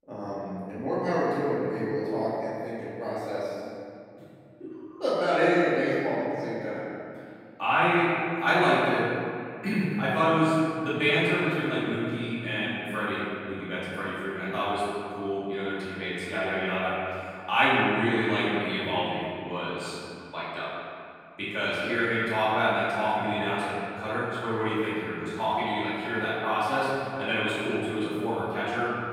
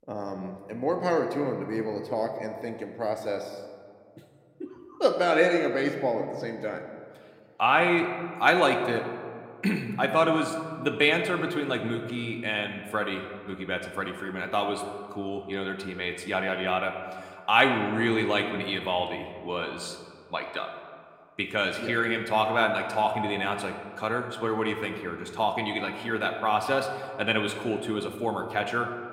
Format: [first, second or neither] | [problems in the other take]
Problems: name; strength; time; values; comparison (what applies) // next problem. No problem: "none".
second | room echo; strong; dies away in 2.4 s; slight in the second // off-mic speech; far